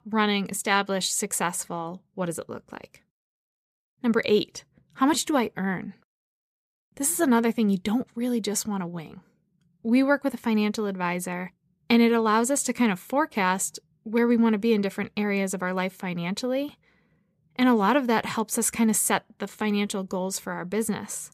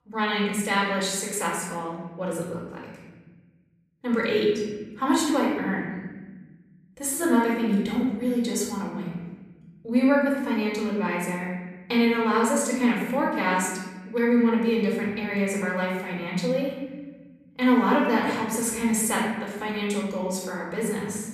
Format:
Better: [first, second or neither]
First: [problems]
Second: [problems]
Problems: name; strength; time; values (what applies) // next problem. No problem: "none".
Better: first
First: none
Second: off-mic speech; far // room echo; noticeable; dies away in 1.5 s